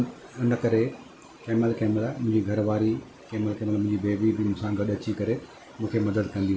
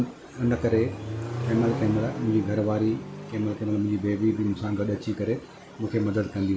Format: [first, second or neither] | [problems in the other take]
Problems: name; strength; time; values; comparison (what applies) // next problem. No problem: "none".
first | background sound (Accelerating, revving, vroom); 10 dB below the speech